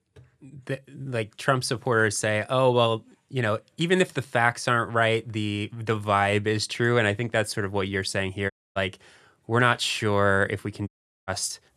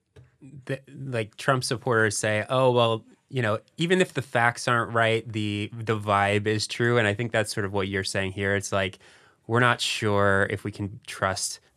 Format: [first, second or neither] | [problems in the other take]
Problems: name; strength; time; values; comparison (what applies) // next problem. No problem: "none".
second | audio cutting out; at 8.5 s and at 11 s